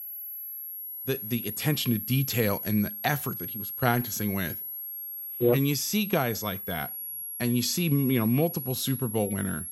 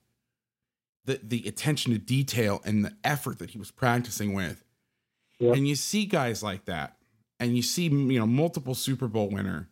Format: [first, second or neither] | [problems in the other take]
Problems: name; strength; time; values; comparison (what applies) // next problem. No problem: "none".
second | high-pitched whine; loud; throughout; 11.5 kHz, 6 dB below the speech